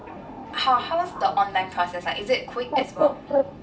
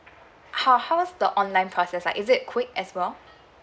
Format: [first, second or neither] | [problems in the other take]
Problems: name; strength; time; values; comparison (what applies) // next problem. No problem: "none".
second | background sound (Bird); 3 dB below the speech // room echo; dies away in 0.2 s